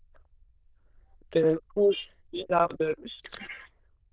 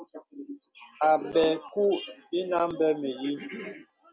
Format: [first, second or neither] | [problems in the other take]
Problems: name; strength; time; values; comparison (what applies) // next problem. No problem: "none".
second | noise reduction (neural diffusion model UNIVERSE++)